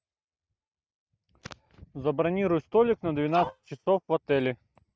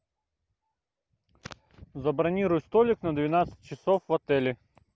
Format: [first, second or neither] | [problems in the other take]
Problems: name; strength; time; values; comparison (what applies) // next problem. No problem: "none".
second | noise reduction (neural mask model RNNoise)